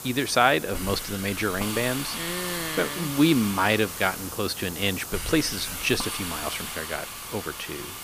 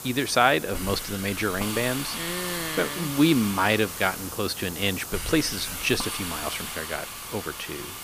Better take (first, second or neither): neither